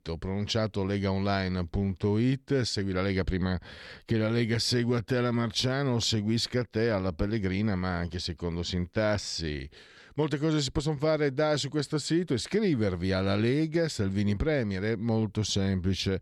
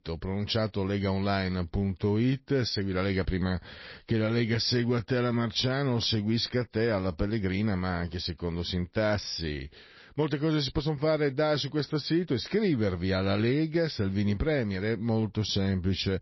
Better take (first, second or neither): first